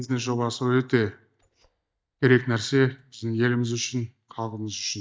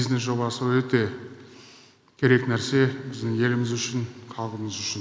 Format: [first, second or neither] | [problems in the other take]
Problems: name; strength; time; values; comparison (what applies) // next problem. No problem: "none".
second | noise reduction (neural mask model DeepFilterNet 3)